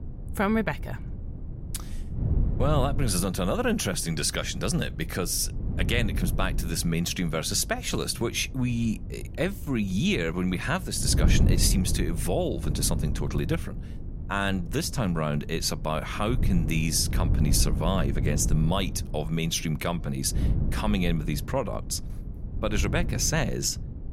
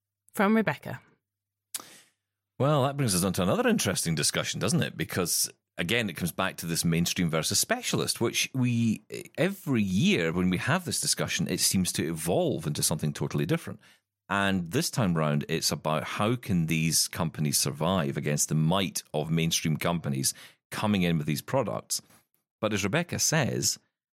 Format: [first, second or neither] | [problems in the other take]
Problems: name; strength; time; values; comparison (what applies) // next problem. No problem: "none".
second | wind noise on the microphone; occasional gusts; 15 dB below the speech